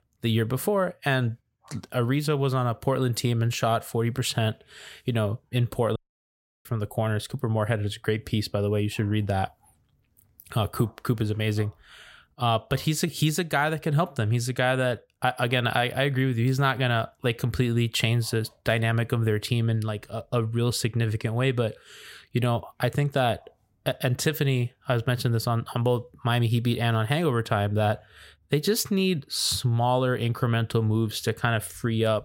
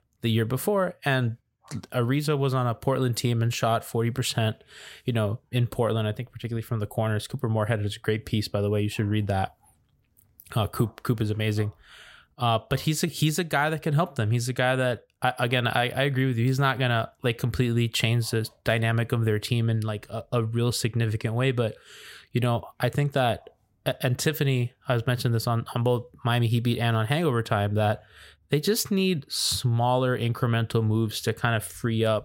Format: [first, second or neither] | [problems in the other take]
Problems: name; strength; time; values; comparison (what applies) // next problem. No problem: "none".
second | audio cutting out; at 6 s for 0.5 s